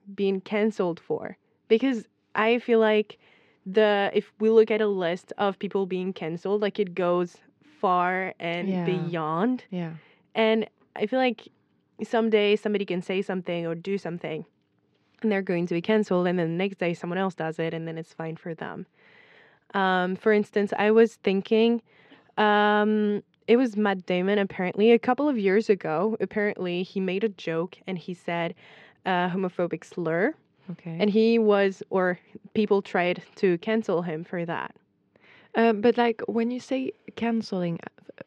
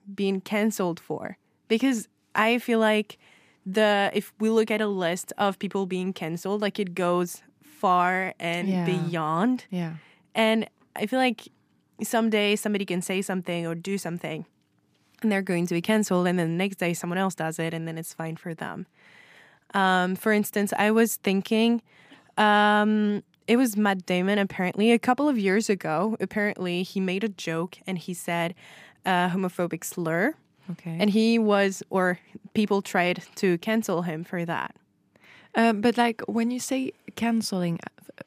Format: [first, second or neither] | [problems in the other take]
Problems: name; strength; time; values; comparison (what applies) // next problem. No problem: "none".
second | muffled; slightly; fading above 4.5 kHz